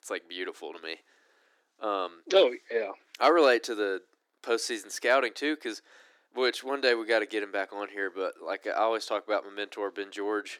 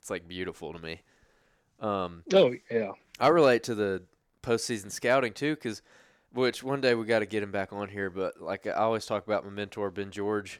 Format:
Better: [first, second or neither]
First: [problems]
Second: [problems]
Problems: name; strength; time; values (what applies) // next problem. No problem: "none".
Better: second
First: thin; somewhat; fading below 300 Hz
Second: none